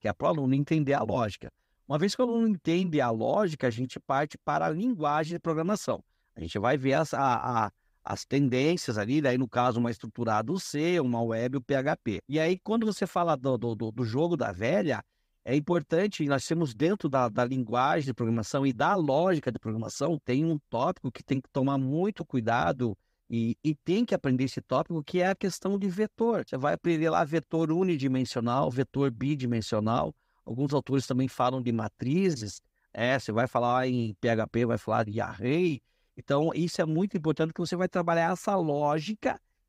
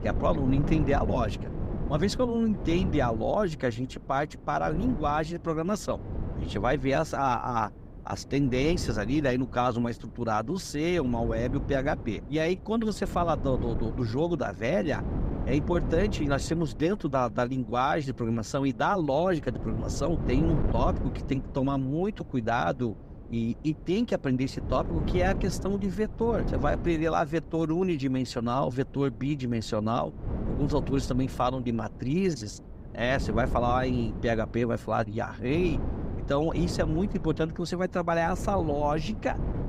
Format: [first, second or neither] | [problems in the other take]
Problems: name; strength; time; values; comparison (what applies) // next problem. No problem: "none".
first | wind noise on the microphone; occasional gusts; 15 dB below the speech